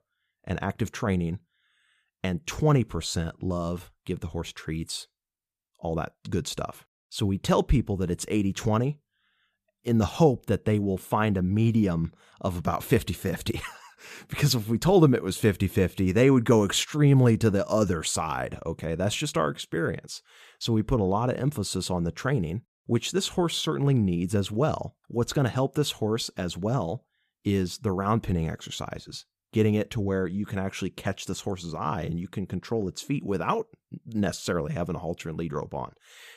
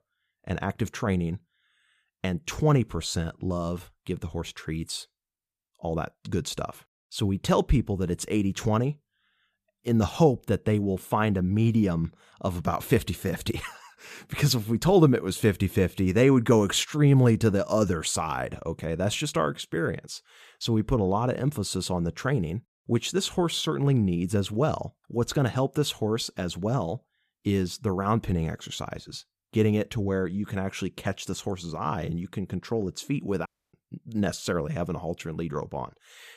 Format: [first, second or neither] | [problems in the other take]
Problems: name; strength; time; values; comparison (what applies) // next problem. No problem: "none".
first | audio cutting out; at 33 s